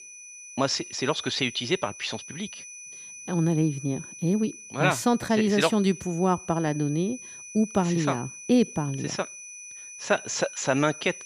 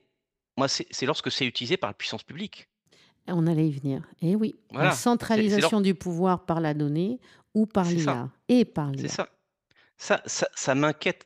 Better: second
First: high-pitched whine; noticeable; throughout; 6 kHz, 15 dB below the speech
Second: none

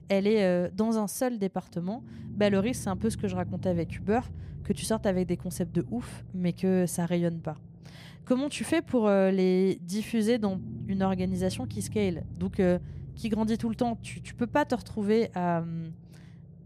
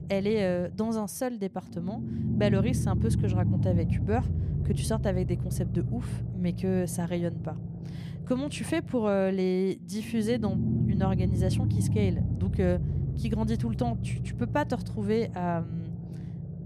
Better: first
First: low rumble; faint; throughout; 20 dB below the speech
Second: low rumble; loud; throughout; 8 dB below the speech

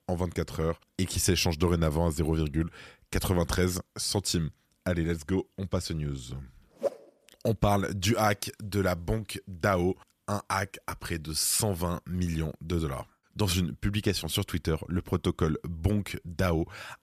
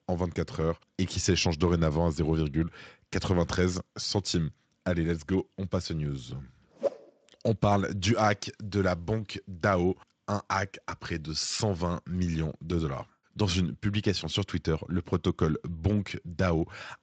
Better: first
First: none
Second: garbled, watery; slightly; nothing above 7.5 kHz

